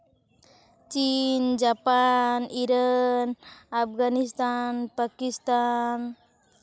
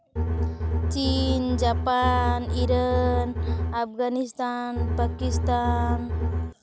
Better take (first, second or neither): first